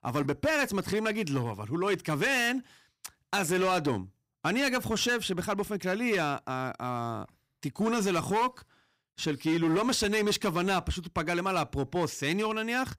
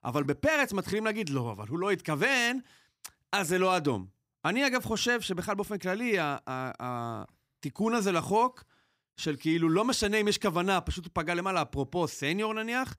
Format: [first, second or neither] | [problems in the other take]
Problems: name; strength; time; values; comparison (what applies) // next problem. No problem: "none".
second | distortion; slight; 8% of the sound clipped